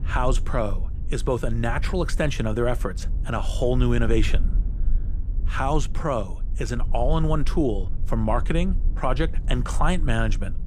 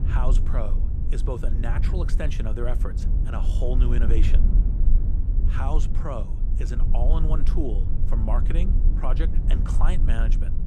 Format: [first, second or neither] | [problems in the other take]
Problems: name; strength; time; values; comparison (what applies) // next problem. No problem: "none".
first | low rumble; loud; throughout; 7 dB below the speech; faint in the first